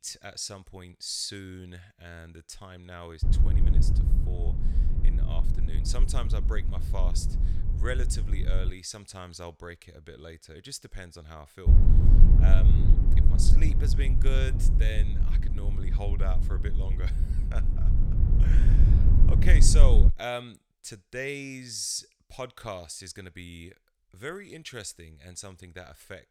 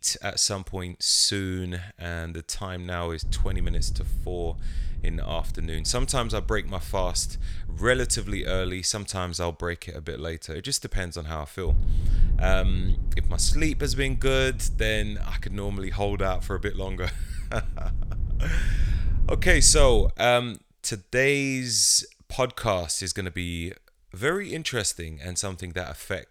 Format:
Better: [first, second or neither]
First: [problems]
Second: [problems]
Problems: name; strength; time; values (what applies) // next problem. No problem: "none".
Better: second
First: low rumble; loud; from 3 to 8.5 s and from 12 to 20 s; 5 dB below the speech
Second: low rumble; faint; from 3 to 8.5 s and from 12 to 20 s; 25 dB below the speech